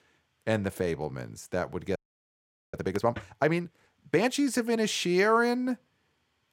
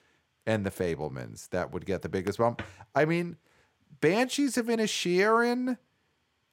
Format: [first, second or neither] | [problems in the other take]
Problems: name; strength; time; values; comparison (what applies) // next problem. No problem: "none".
second | audio freezing; at 2 s for 1 s